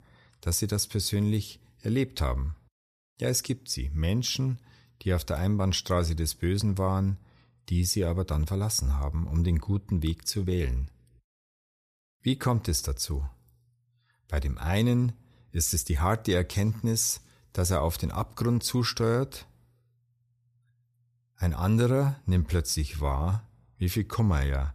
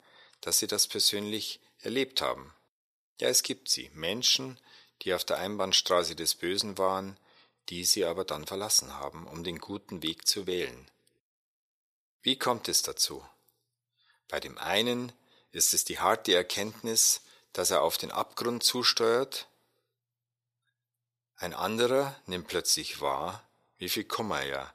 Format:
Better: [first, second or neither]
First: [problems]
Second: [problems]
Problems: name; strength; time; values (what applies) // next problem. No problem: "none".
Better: first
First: none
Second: thin; very; fading below 450 Hz